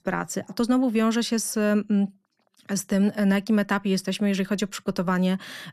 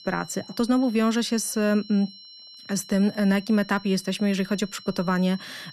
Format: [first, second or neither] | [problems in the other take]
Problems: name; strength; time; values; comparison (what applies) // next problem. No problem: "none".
first | high-pitched whine; noticeable; throughout; 4 kHz, 20 dB below the speech